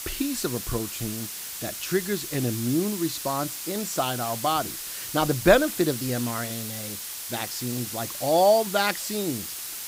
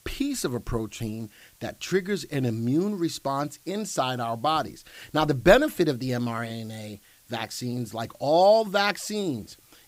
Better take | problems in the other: second | hiss; loud; throughout; 6 dB below the speech; faint in the second

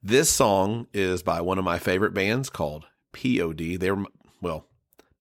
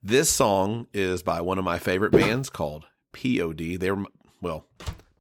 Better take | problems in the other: first | footsteps; loud; at 2 s; peak 4 dB above the speech // door banging; faint; at 5 s; peak 15 dB below the speech

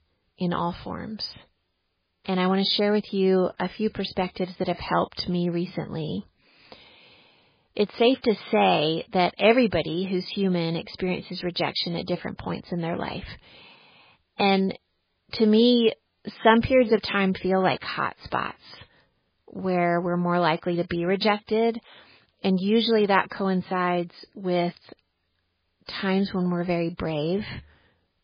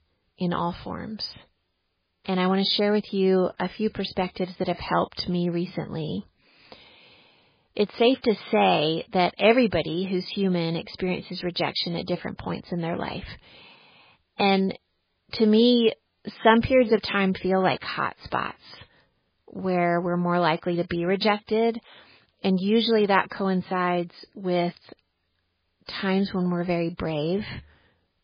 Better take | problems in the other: neither | garbled, watery; badly; the same in both

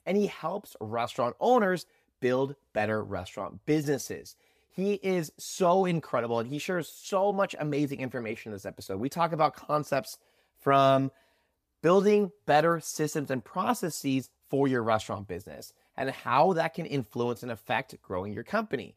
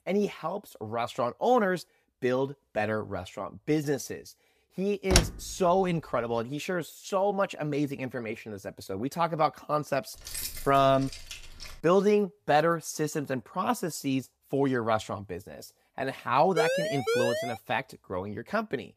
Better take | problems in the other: first | door banging; loud; at 5 s; peak 4 dB above the speech // jangling keys; noticeable; from 10 to 12 s; peak 5 dB below the speech // siren; loud; from 17 to 18 s; peak 1 dB above the speech

